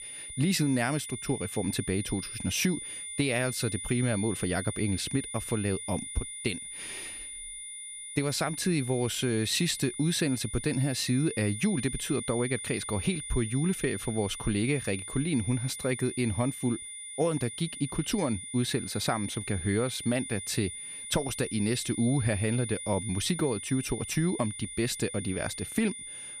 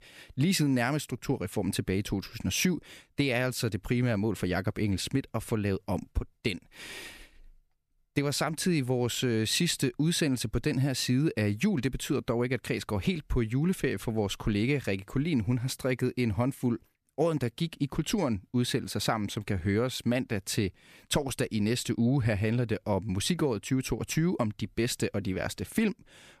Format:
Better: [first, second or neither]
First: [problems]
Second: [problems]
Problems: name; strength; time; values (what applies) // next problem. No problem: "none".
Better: second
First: high-pitched whine; loud; throughout; 9.5 kHz, 7 dB below the speech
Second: none